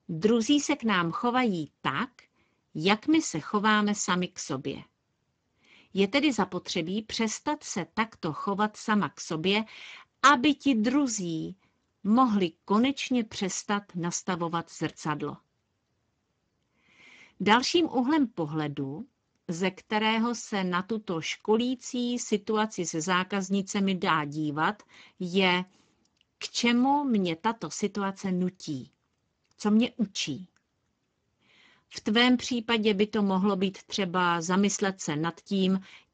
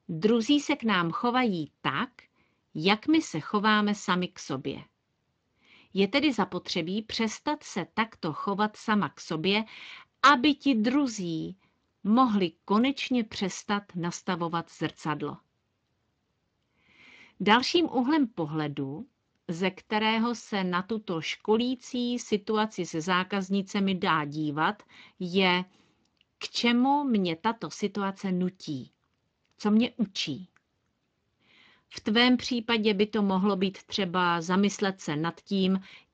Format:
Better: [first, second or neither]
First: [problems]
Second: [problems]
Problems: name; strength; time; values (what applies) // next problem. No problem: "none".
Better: second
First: garbled, watery; badly; nothing above 7.5 kHz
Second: garbled, watery; slightly